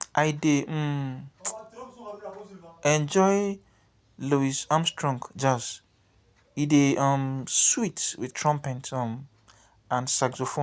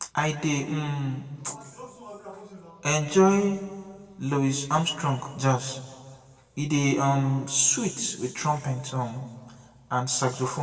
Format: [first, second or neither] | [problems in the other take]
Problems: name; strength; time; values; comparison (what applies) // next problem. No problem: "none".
first | room echo; dies away in 1.5 s